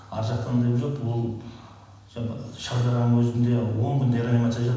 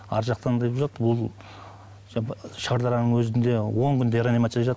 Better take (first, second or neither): second